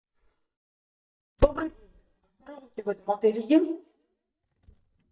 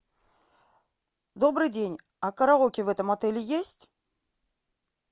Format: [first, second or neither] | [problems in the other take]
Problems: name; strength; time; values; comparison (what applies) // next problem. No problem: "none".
second | noise reduction (neural mask model DeepFilterNet 3)